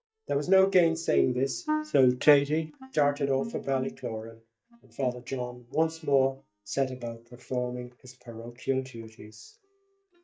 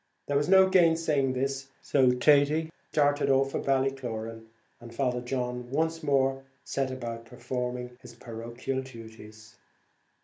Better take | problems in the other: second | noise reduction (neural mask model DeepFilterNet 3)

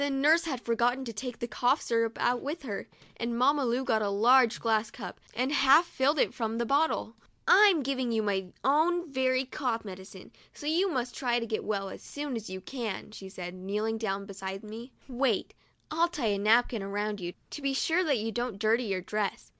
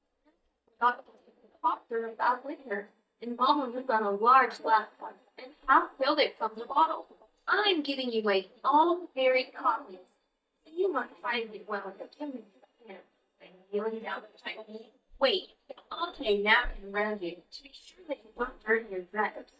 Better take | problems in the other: first | noise reduction (neural mask model DeepFilterNet 3)

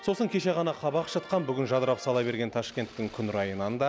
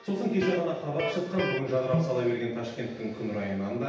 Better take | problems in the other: first | background sound (Electric guitar); 4 dB below the speech // room echo; dies away in 0.9 s

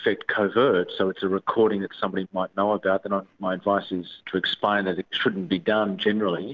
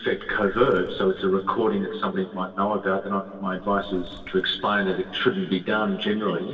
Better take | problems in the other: first | background sound (Bird); 18 dB below the speech // room echo; dies away in 2.3 s

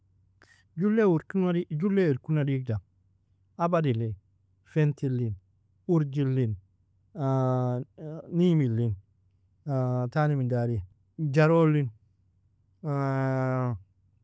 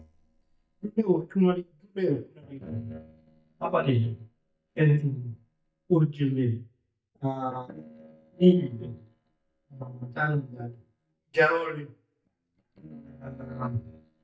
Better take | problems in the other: first | noise reduction (neural mask model DeepFilterNet 3)

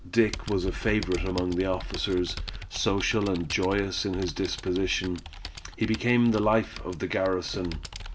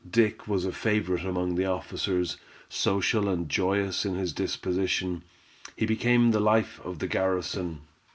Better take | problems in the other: second | background sound (Computer keyboard); 10 dB below the speech

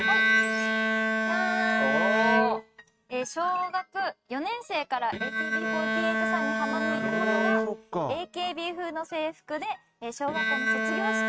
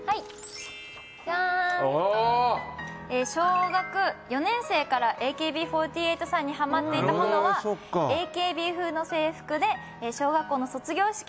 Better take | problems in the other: second | noise reduction (neural mask model RNNoise)

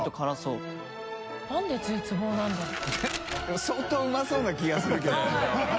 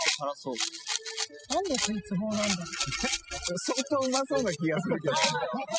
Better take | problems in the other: first | noise reduction (classical method spectral subtraction)

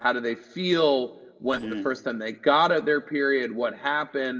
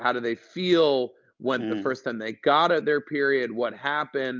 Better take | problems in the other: second | noise reduction (neural separator model SepFormer DNS4)

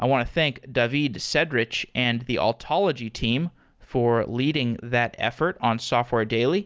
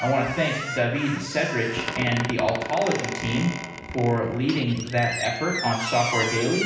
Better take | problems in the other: first | background sound (Squeak); 7 dB below the speech // room echo; dies away in 0.9 s

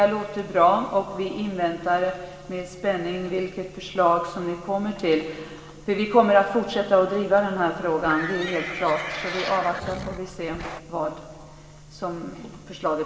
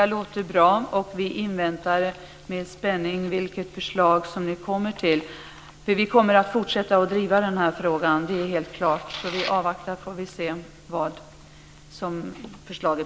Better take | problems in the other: second | background sound (Livestock, farm animals, working animals); 9 dB below the speech // room echo; dies away in 2 s

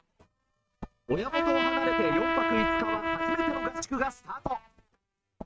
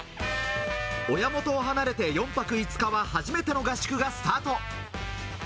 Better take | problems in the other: second | noise reduction (neural mask model RNNoise)

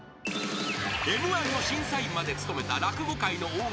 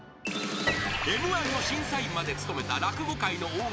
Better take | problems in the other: first | background sound (Piano); 10 dB below the speech

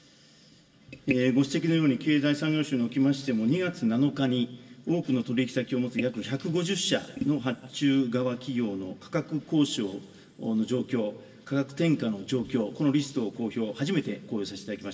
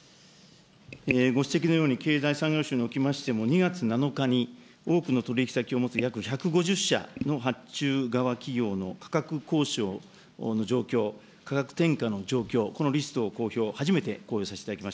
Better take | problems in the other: second | room echo; dies away in 2.1 s

